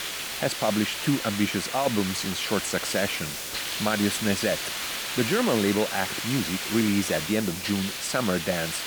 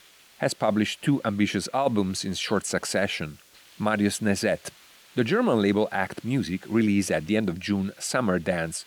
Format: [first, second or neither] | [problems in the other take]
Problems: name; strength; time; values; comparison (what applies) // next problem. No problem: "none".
second | hiss; loud; throughout; 3 dB below the speech; faint in the second